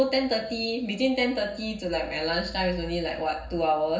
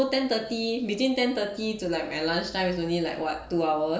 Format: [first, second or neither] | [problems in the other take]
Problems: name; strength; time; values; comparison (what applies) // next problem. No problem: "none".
second | room echo; dies away in 0.4 s